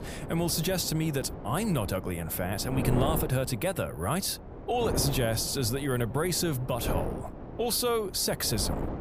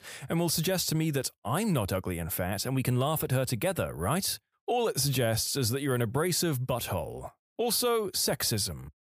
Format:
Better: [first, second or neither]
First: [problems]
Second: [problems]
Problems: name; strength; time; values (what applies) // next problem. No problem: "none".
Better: second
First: wind noise on the microphone; heavy; 9 dB below the speech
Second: none